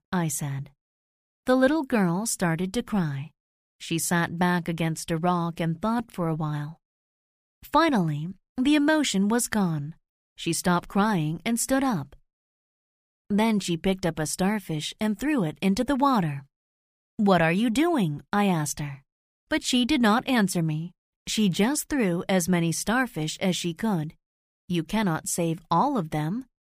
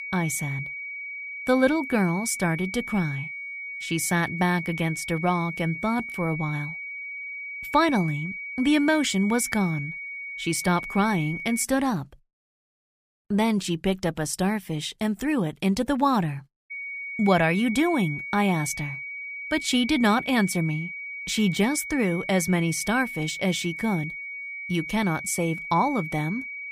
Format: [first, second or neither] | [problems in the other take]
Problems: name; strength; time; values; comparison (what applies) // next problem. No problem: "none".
first | high-pitched whine; loud; until 12 s and from 17 s on; 2 kHz, 8 dB below the speech